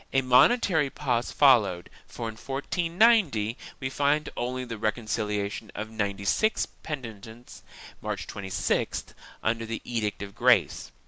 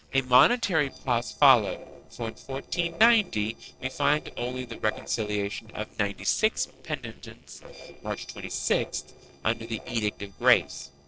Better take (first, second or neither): first